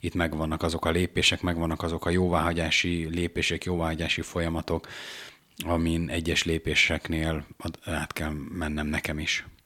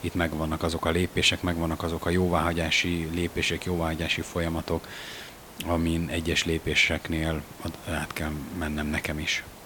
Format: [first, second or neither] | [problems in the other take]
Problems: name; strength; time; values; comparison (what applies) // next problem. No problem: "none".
first | hiss; noticeable; throughout; 20 dB below the speech